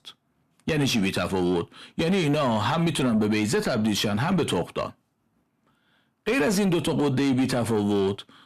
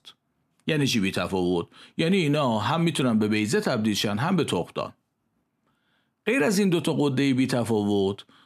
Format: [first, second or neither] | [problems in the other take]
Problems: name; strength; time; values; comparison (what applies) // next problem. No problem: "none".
second | distortion; slight; 10 dB below the speech